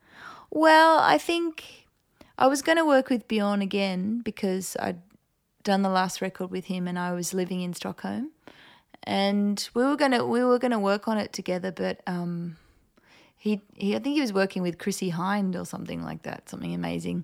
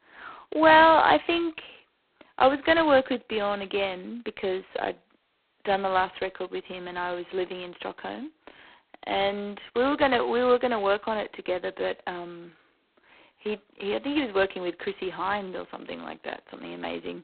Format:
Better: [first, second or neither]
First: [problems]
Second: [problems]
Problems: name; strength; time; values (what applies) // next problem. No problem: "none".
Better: first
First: none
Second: phone-call audio; poor line; nothing above 4 kHz